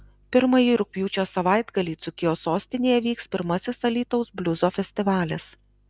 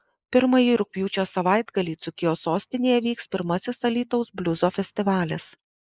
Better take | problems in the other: first | noise reduction (neural mask model Resemble Enhance denoiser)

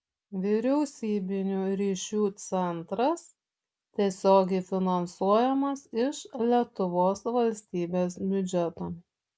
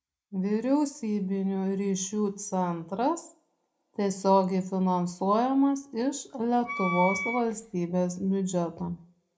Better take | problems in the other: first | background sound (Wind instrument, woodwind instrument); 6 dB below the speech // room echo; dies away in 0.3 s

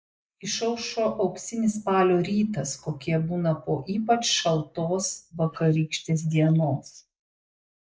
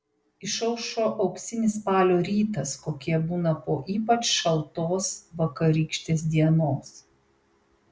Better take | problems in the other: second | noise reduction (neural mask model Resemble Enhance denoiser)

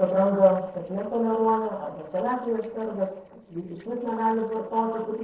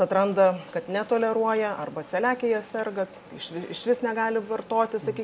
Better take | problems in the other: second | noise reduction (neural separator model SepFormer DNS4)

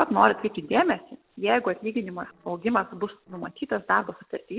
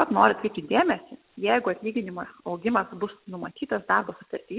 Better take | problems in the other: second | noise reduction (neural separator model SepFormer DNS4)

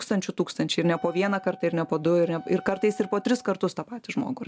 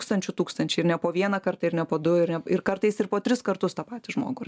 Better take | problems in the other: second | background sound (Wind instrument, woodwind instrument); 20 dB below the speech

